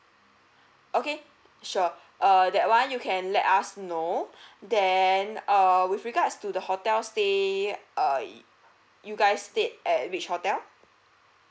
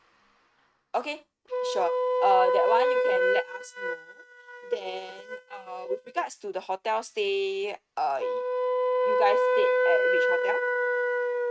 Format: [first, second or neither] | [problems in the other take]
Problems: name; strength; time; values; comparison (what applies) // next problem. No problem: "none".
first | noise reduction (neural mask model RNNoise)